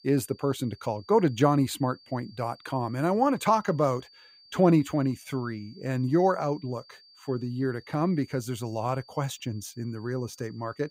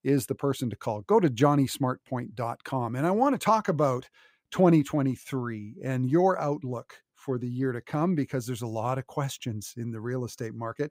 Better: second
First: high-pitched whine; faint; throughout; 4.5 kHz, 25 dB below the speech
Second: none

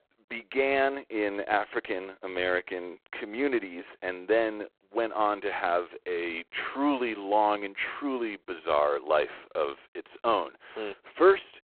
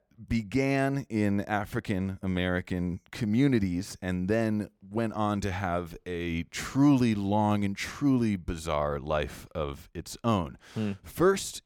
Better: second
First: phone-call audio; poor line; nothing above 3.5 kHz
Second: none

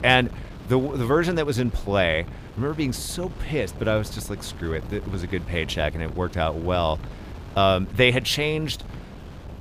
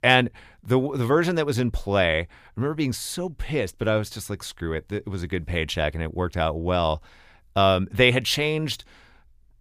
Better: second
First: wind noise on the microphone; occasional gusts; 20 dB below the speech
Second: none

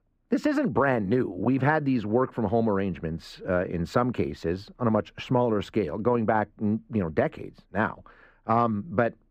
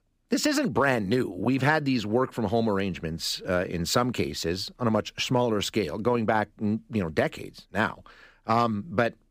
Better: second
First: muffled; very; fading above 3 kHz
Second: none

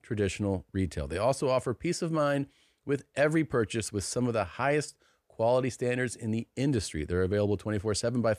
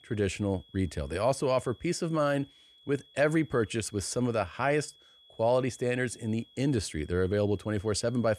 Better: first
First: none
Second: high-pitched whine; faint; throughout; 3.5 kHz, 25 dB below the speech

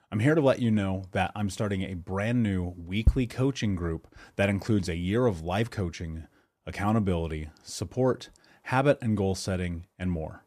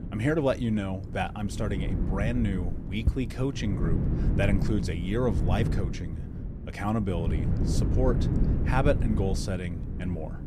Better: first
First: none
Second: wind noise on the microphone; heavy; 8 dB below the speech

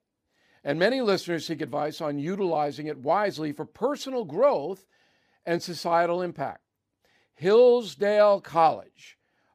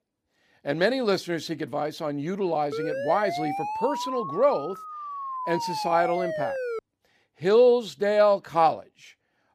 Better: first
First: none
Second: siren; noticeable; from 2.5 to 7 s; peak 5 dB below the speech

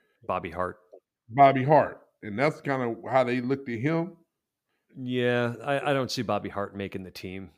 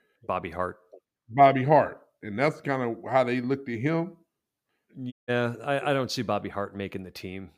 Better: first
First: none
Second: audio cutting out; at 5 s

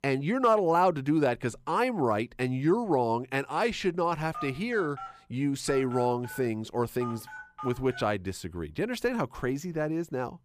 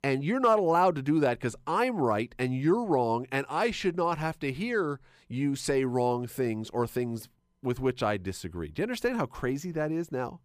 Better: second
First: phone ringing; faint; from 4.5 to 8 s; peak 10 dB below the speech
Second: none

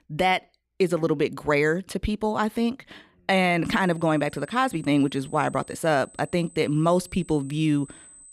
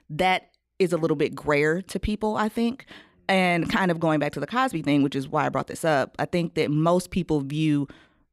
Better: second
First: high-pitched whine; faint; from 3.5 s on; 8 kHz, 25 dB below the speech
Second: none

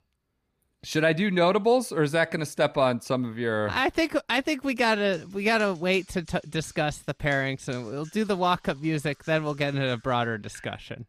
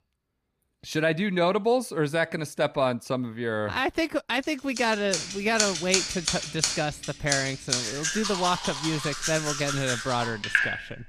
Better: first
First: household noises; faint; from 5 s on; 25 dB below the speech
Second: household noises; loud; from 5 s on; 1 dB below the speech

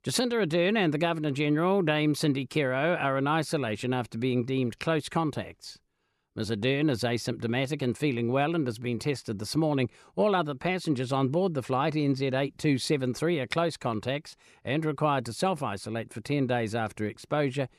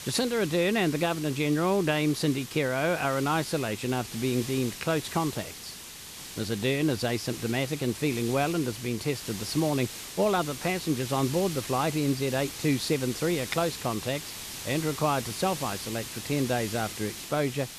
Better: first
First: none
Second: hiss; loud; throughout; 9 dB below the speech

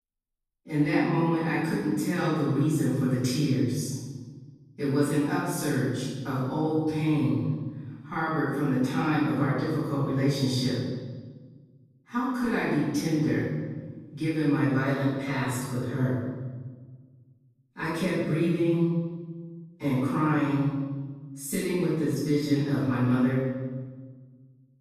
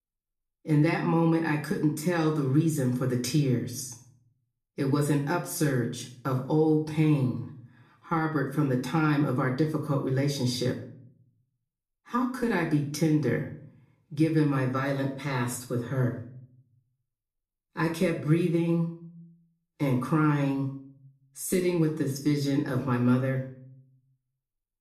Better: second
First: room echo; strong; dies away in 1.4 s // off-mic speech; far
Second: room echo; slight; dies away in 0.5 s // off-mic speech; somewhat distant

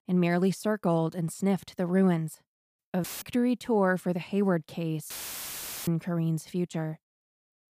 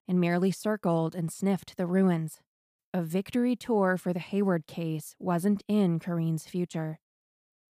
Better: second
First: audio cutting out; filled with static; at 3 s and at 5 s for 1 s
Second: none

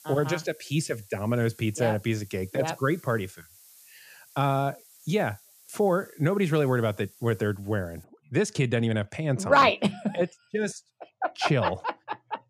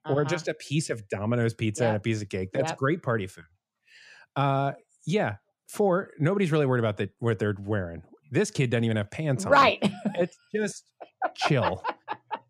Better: second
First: hiss; faint; until 8 s; 25 dB below the speech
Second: none

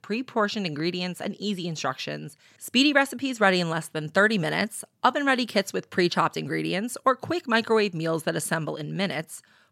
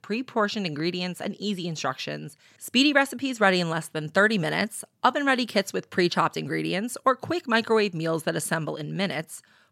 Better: neither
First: none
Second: none

